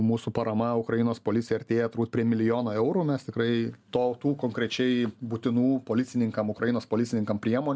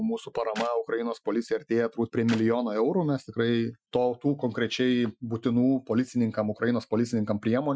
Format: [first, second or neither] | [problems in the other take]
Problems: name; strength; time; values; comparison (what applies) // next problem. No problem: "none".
first | noise reduction (classical method Wiener filter)